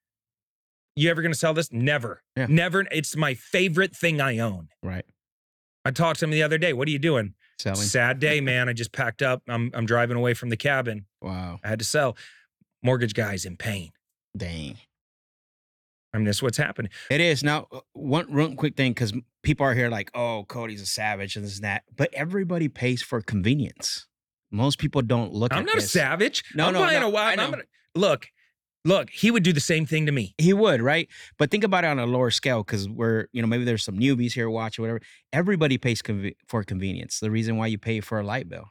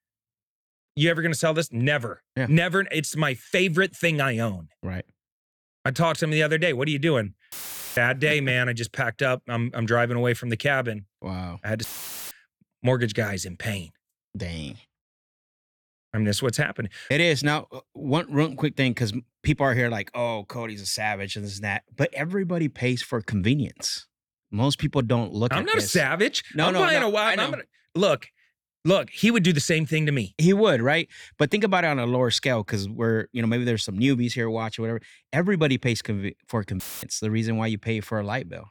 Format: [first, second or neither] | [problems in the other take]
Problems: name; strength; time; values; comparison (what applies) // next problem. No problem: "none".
first | audio cutting out; filled with static; at 7.5 s, at 12 s and at 37 s